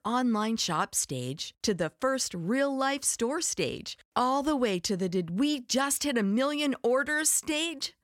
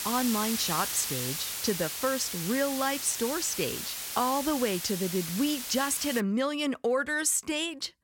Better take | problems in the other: first | hiss; loud; until 6 s; 4 dB below the speech

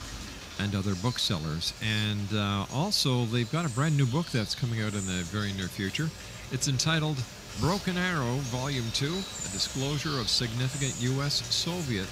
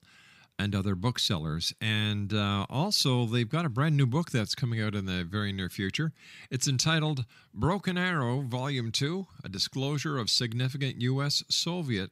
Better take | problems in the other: second | animal sounds; loud; throughout; 9 dB below the speech

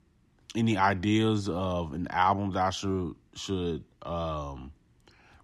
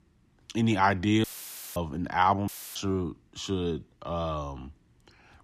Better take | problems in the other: first | audio cutting out; filled with static; at 1 s for 0.5 s and at 2.5 s

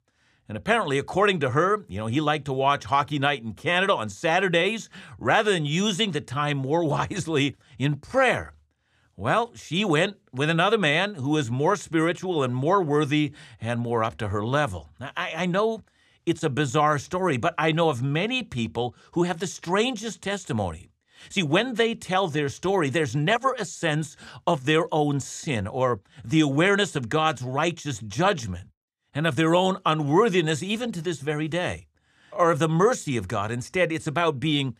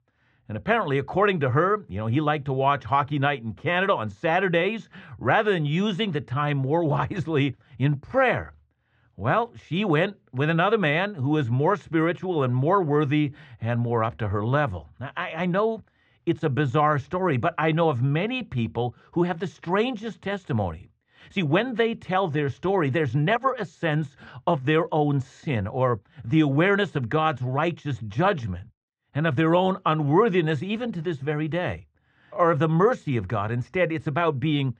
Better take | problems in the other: first | muffled; very; fading above 2.5 kHz

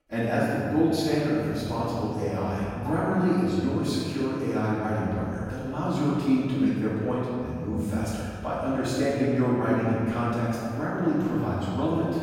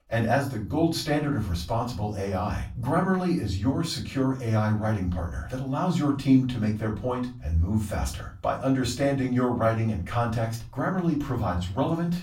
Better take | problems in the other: second | room echo; strong; dies away in 2.4 s; slight in the second // off-mic speech; far; far in the second

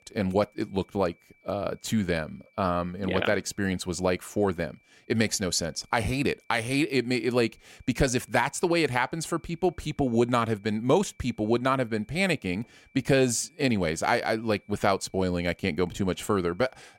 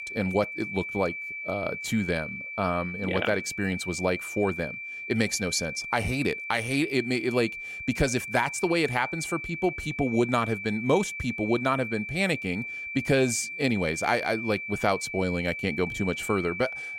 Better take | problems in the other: first | high-pitched whine; loud; throughout; 2.5 kHz, 6 dB below the speech; faint in the first

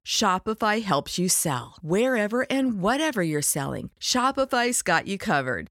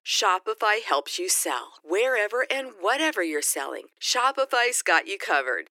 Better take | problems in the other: first | thin; very; fading below 300 Hz

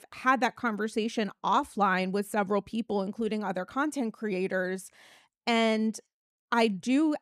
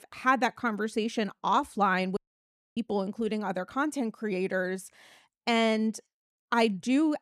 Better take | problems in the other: first | audio cutting out; at 2 s for 0.5 s

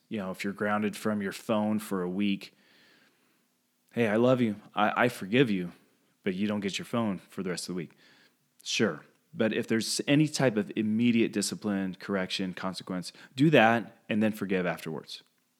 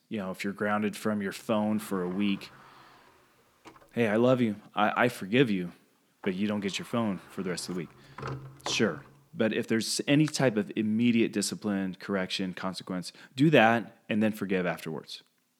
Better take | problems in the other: first | door banging; faint; from 2 to 10 s; peak 10 dB below the speech

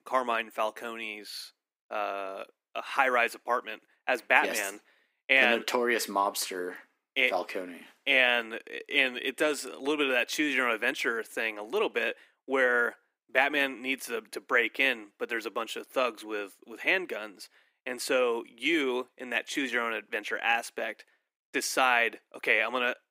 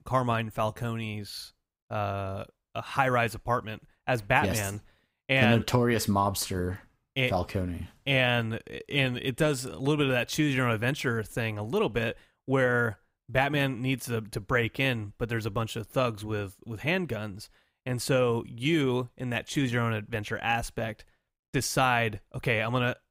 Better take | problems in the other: second | thin; somewhat; fading below 300 Hz

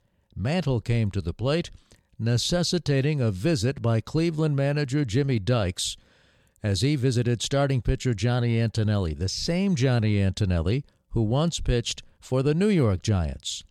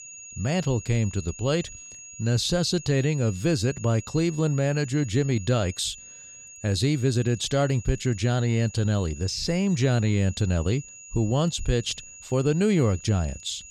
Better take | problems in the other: first | high-pitched whine; noticeable; throughout; 7 kHz, 15 dB below the speech

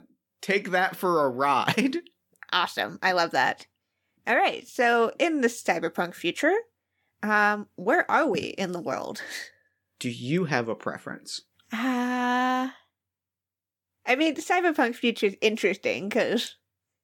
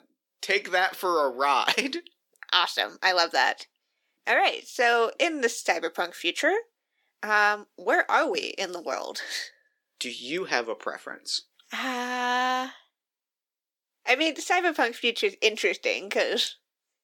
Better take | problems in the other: first | thin; somewhat; fading below 350 Hz

